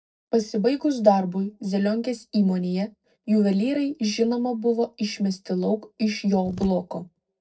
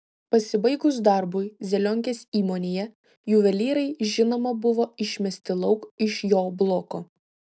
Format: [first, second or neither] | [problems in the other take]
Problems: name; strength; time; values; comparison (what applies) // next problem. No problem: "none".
second | noise reduction (neural separator model SepFormer DNS4)